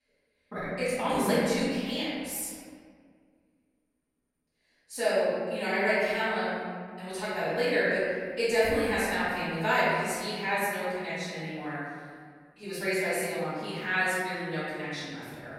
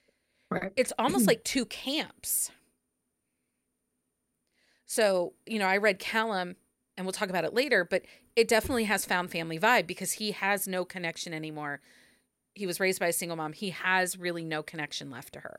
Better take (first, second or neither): second